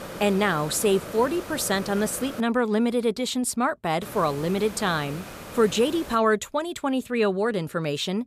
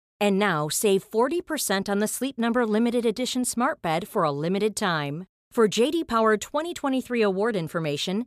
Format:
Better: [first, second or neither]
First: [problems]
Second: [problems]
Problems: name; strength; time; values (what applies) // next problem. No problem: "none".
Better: second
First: hiss; noticeable; until 2.5 s and from 4 to 6 s; 15 dB below the speech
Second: none